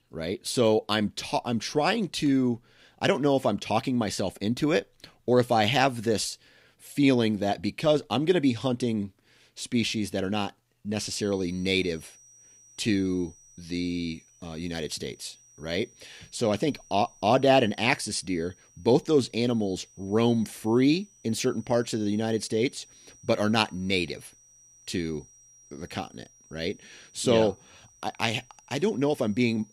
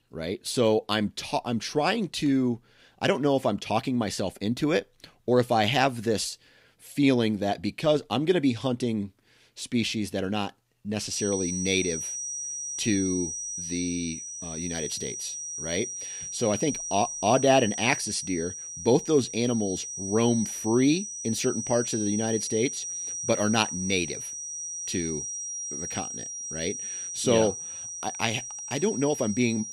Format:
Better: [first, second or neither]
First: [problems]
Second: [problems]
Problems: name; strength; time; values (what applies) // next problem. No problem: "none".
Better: first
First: high-pitched whine; faint; from 11 s on; 6 kHz, 25 dB below the speech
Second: high-pitched whine; loud; from 11 s on; 6 kHz, 5 dB below the speech